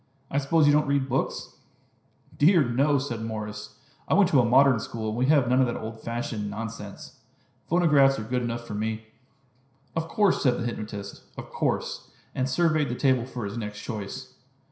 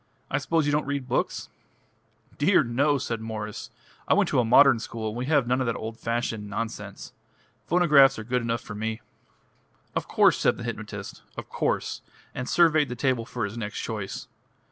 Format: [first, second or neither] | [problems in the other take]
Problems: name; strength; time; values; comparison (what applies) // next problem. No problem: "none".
second | room echo; dies away in 0.5 s